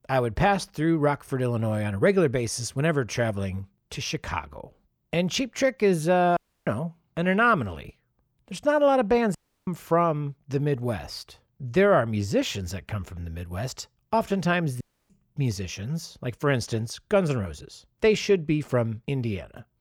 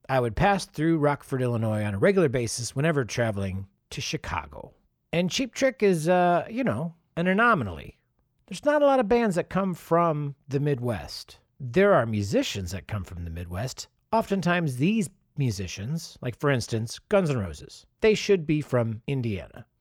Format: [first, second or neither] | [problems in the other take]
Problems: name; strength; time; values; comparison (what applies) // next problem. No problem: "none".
second | audio cutting out; at 6.5 s, at 9.5 s and at 15 s